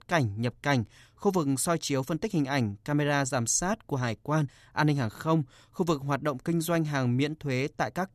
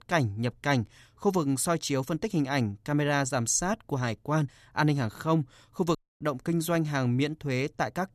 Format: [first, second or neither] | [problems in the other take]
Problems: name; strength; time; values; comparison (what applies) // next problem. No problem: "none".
first | audio cutting out; at 6 s